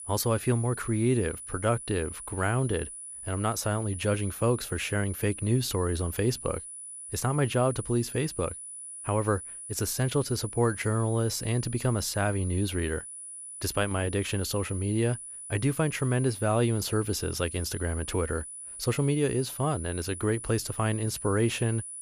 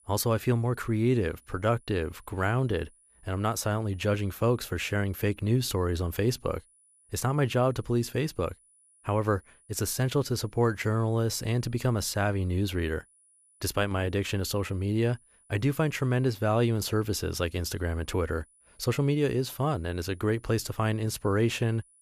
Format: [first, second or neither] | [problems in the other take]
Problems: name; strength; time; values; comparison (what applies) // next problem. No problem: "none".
second | high-pitched whine; loud; throughout; 10 kHz, 10 dB below the speech; faint in the second